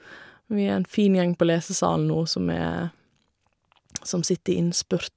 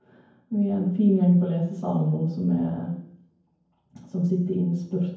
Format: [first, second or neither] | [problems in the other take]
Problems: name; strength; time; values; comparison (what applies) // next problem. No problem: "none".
first | room echo; dies away in 0.9 s